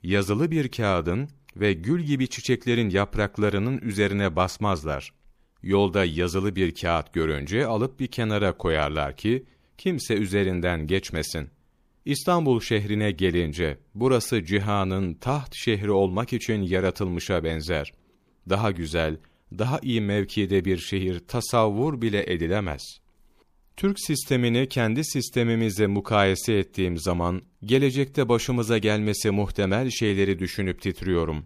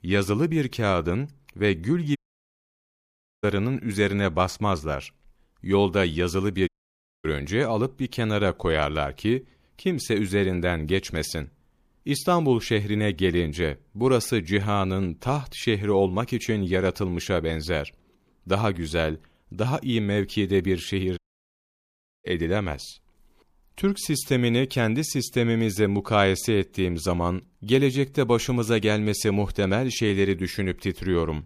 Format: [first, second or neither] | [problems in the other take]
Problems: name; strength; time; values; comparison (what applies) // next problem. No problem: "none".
first | audio cutting out; at 2 s for 1.5 s, at 6.5 s for 0.5 s and at 21 s for 1 s